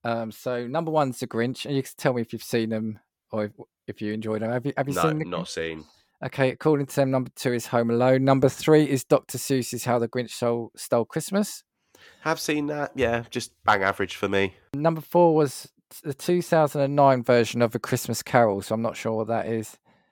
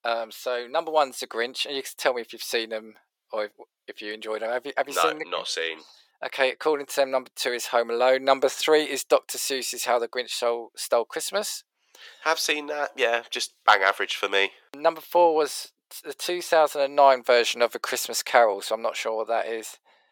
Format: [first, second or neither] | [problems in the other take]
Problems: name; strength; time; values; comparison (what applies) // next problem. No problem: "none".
first | thin; very; fading below 500 Hz